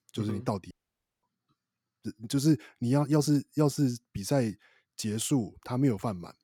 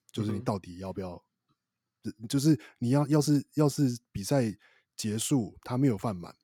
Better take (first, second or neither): second